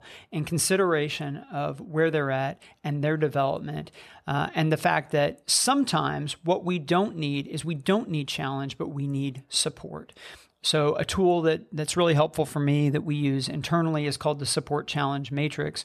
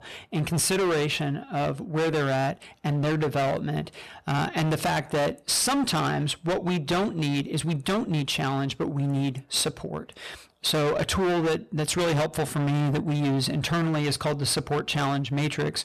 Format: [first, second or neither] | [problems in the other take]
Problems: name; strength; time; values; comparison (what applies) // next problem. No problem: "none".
first | distortion; heavy; 24% of the sound clipped